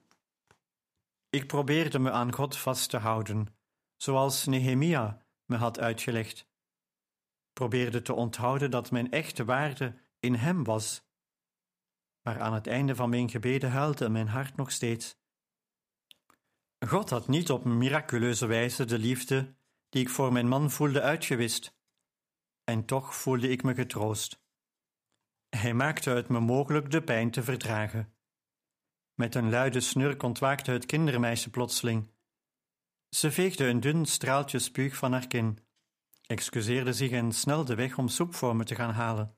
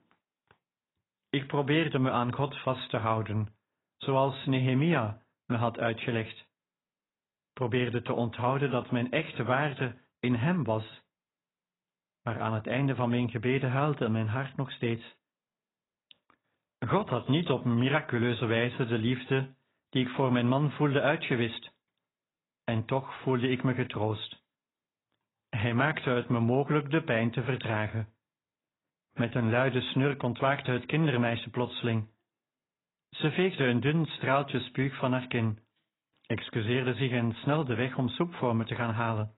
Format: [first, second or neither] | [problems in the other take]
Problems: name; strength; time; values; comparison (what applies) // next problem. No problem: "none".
first | garbled, watery; badly; nothing above 4 kHz